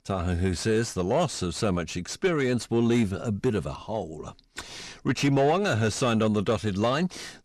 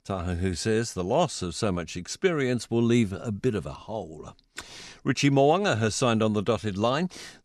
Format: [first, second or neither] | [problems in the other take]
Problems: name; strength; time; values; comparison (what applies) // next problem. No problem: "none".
second | distortion; slight; 10 dB below the speech